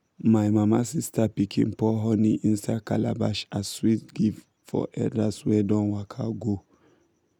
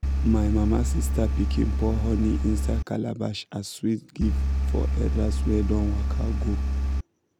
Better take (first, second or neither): first